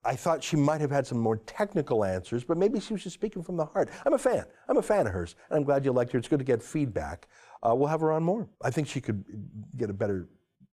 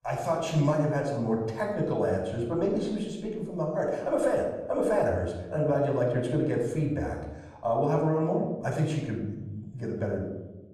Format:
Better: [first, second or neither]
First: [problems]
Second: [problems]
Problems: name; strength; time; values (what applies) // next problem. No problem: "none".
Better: first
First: none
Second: off-mic speech; somewhat distant // room echo; noticeable; dies away in 0.9 s